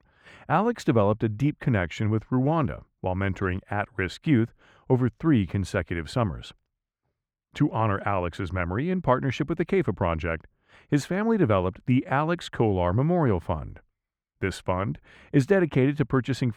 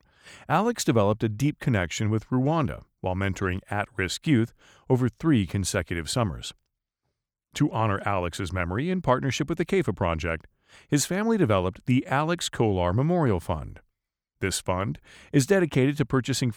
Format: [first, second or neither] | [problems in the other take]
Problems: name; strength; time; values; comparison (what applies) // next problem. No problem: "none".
second | muffled; slightly; fading above 3.5 kHz